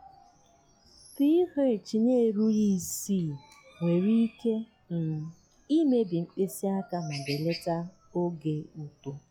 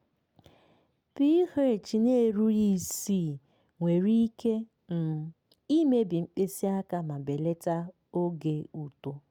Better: second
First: noise reduction (classical method log-MMSE)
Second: none

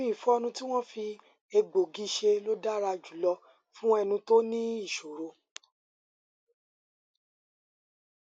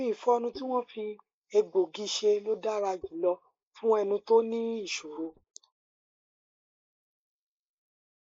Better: first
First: none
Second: noise reduction (neural mask model Resemble Enhance denoiser)

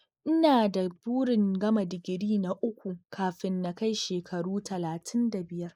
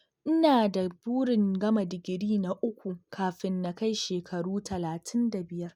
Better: second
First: noise reduction (neural mask model Resemble Enhance denoiser)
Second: none

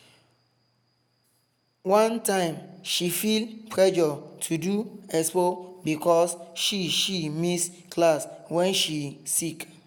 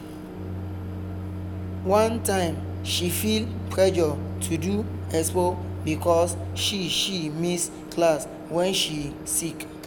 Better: first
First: none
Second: background sound (Microwave oven); 7 dB below the speech

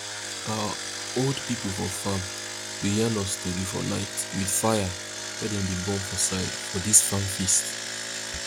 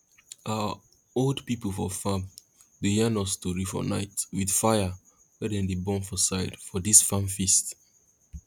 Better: second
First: background sound (Engine); 6 dB below the speech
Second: none

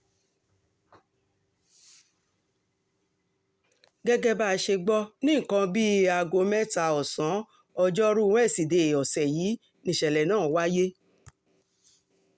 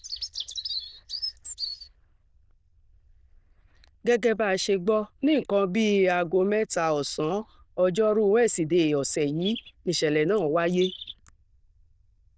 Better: first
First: none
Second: noise reduction (neural diffusion model UNIVERSE++)

